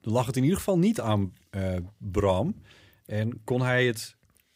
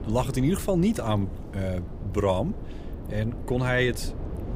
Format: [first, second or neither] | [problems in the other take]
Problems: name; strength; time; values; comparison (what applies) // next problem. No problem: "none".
first | wind noise on the microphone; occasional gusts; 15 dB below the speech